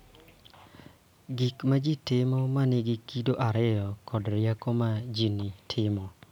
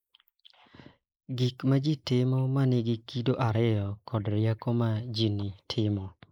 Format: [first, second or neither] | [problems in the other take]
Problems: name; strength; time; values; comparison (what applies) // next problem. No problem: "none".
first | noise reduction (neural mask model Resemble Enhance denoiser)